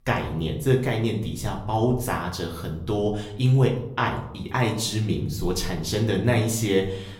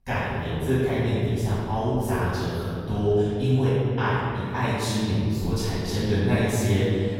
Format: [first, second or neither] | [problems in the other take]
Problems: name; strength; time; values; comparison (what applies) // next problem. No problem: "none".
first | room echo; strong; dies away in 2.3 s; slight in the first // off-mic speech; far; somewhat distant in the first